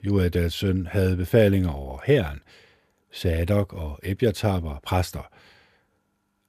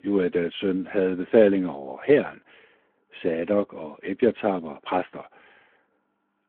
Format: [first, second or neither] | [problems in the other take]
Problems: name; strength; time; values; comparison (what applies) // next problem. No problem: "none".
first | phone-call audio